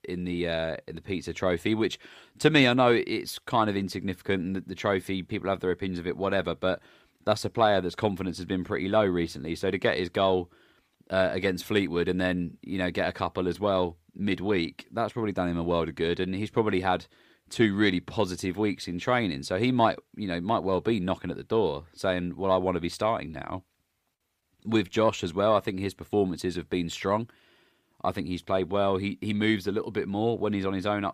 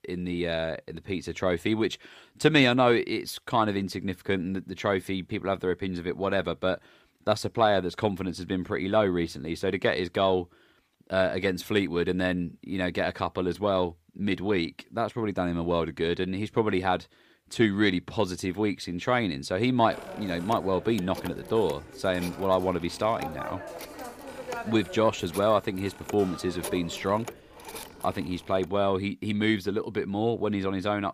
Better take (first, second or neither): first